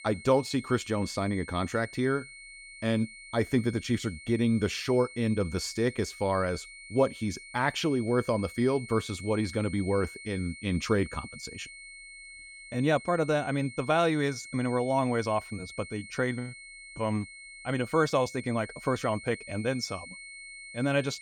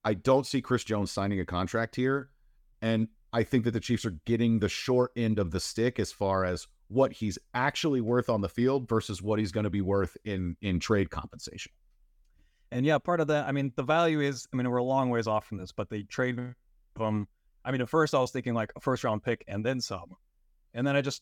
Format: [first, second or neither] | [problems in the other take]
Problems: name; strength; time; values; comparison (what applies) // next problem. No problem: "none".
second | high-pitched whine; noticeable; throughout; 2 kHz, 15 dB below the speech